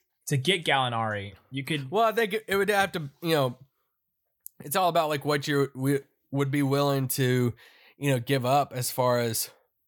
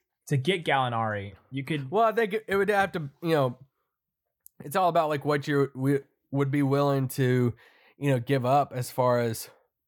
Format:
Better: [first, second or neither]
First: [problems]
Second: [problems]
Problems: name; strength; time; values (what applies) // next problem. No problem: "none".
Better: first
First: none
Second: muffled; slightly; fading above 2.5 kHz